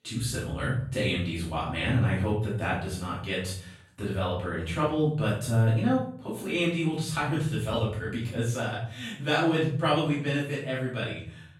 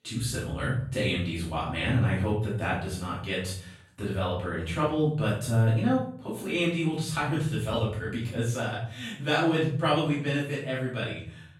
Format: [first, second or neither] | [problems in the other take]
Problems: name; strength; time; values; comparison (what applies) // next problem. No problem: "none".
neither | off-mic speech; far; the same in both // room echo; noticeable; dies away in 0.6 s; the same in both